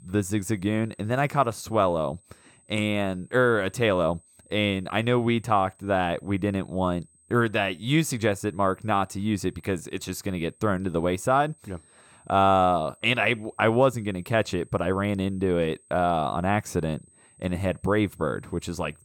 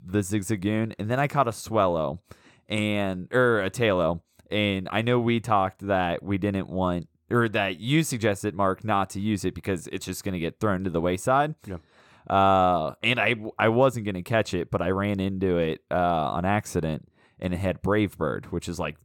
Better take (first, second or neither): second